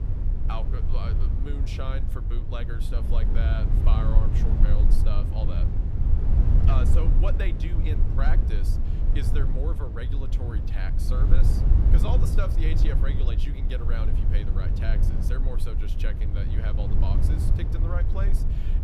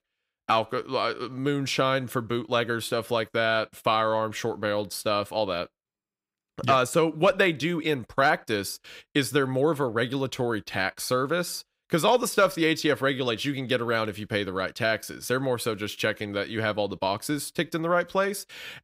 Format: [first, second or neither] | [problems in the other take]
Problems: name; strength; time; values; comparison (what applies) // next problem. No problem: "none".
second | low rumble; loud; throughout; 2 dB below the speech